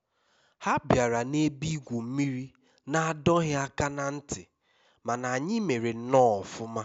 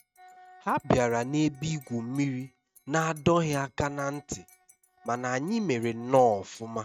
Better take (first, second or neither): first